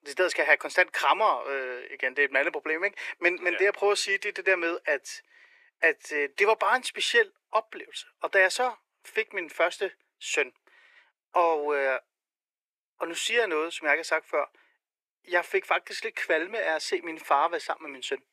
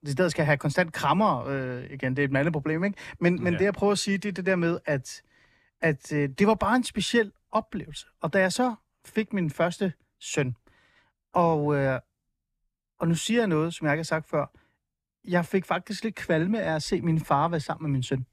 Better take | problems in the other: second | thin; very; fading below 350 Hz

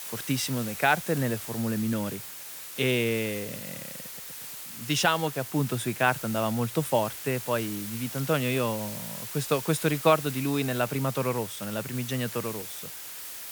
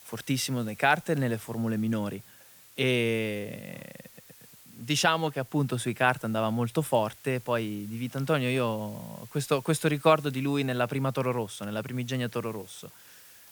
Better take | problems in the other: second | hiss; loud; throughout; 8 dB below the speech; faint in the second

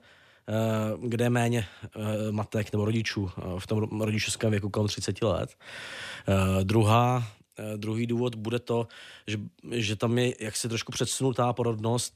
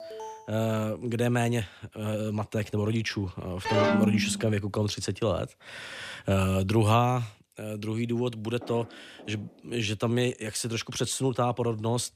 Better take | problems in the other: first | alarm; faint; at the start; peak 10 dB below the speech // phone ringing; loud; at 3.5 s; peak 5 dB above the speech // footsteps; faint; from 8.5 to 10 s; peak 15 dB below the speech

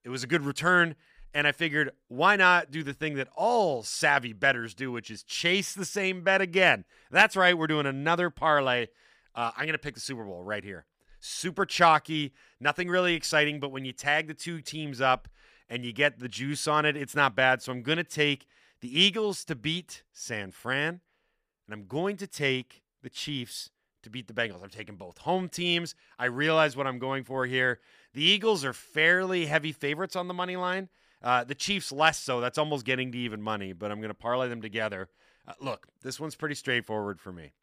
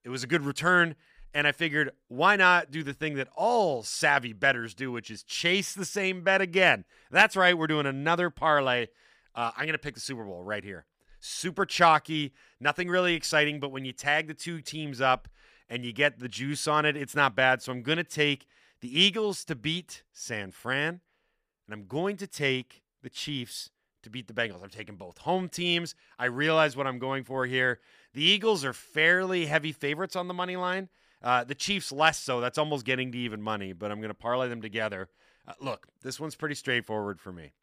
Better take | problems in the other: neither | none

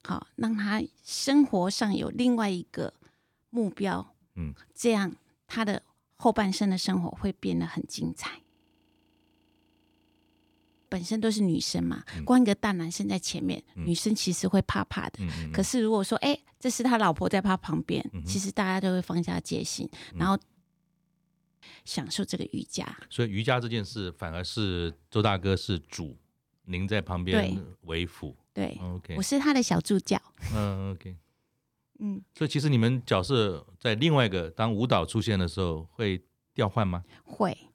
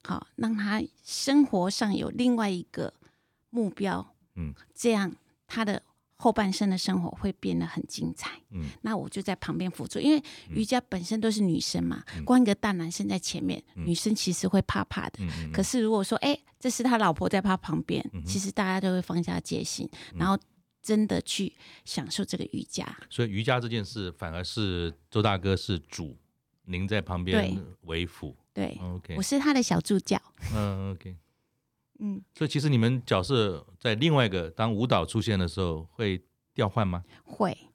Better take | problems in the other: second | audio freezing; at 8.5 s for 2.5 s and at 21 s for 1 s

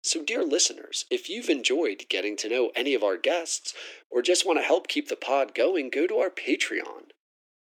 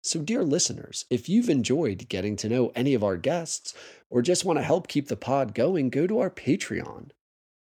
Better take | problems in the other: second | thin; somewhat; fading below 300 Hz

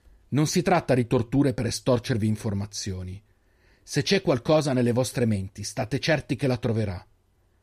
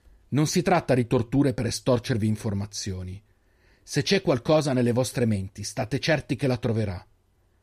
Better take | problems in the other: neither | none

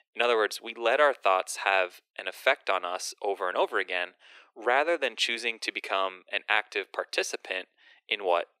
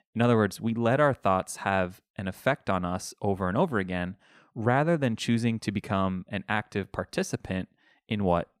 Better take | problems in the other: second | thin; very; fading below 350 Hz

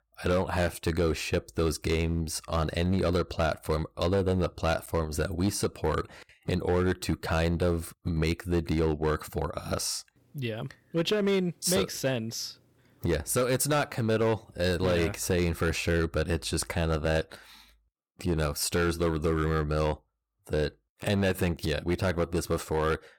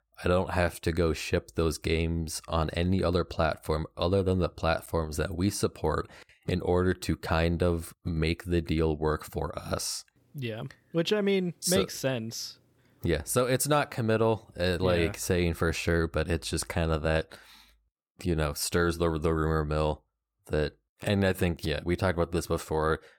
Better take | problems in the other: second | distortion; slight; 6% of the sound clipped

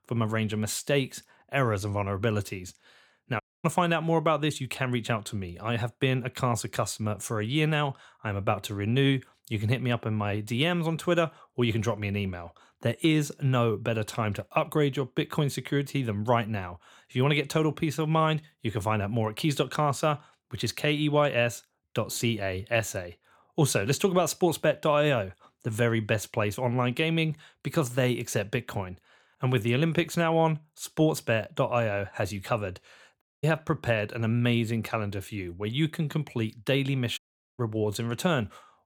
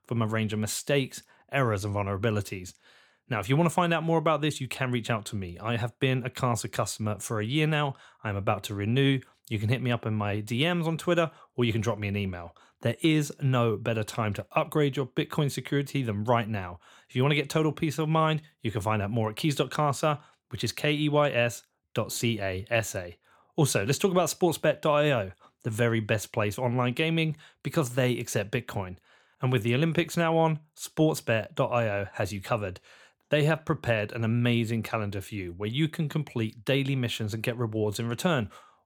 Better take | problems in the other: second | audio cutting out; at 3.5 s, at 33 s and at 37 s

